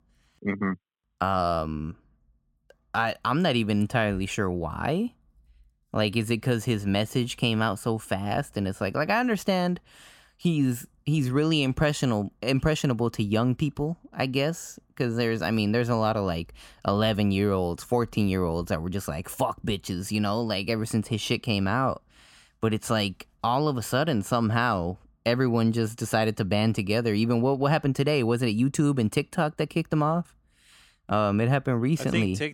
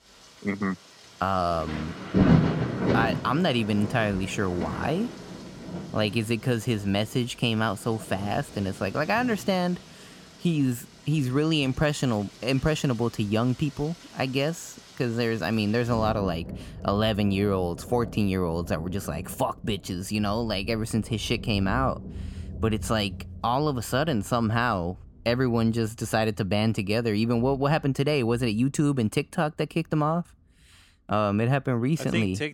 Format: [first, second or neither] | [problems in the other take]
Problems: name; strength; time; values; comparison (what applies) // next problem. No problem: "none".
first | rain or running water; loud; throughout; 6 dB below the speech